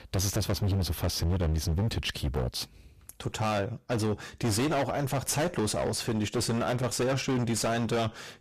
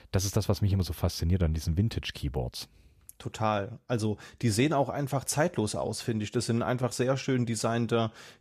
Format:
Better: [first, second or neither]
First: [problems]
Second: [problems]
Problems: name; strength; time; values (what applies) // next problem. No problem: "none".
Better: second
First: distortion; heavy; 27% of the sound clipped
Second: none